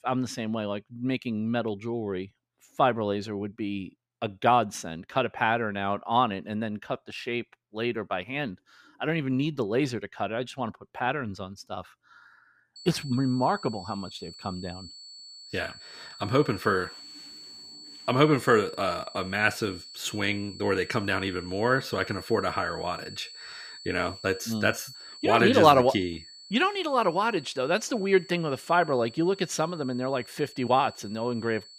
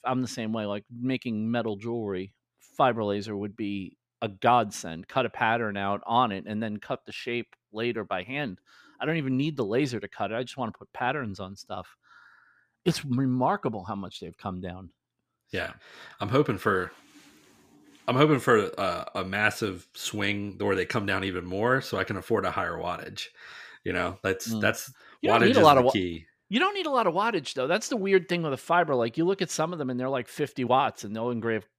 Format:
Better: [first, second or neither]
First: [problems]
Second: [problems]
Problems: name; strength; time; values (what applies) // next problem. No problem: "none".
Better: second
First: high-pitched whine; noticeable; from 13 s on; 4.5 kHz, 15 dB below the speech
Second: none